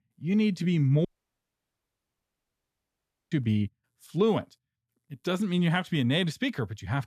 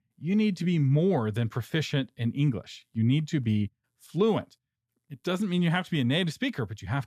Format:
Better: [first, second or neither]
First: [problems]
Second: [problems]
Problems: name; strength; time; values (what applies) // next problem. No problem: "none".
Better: second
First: audio cutting out; at 1 s for 2.5 s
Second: none